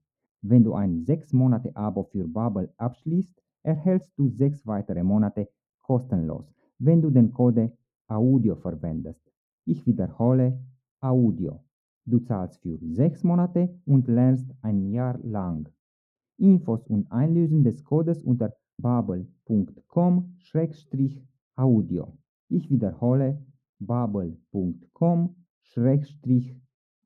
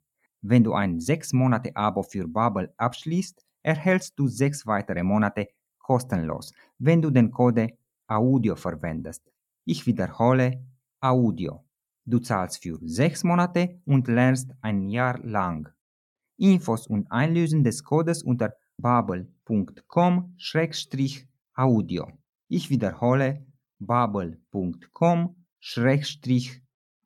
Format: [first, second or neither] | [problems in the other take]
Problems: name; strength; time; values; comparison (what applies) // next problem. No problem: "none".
second | muffled; very; fading above 1 kHz